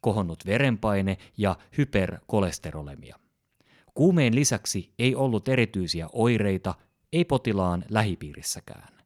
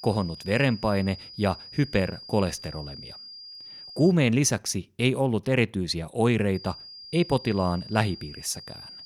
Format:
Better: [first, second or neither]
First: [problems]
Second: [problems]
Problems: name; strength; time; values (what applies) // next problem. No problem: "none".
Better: first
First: none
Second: high-pitched whine; noticeable; until 4 s and from 6.5 s on; 5 kHz, 15 dB below the speech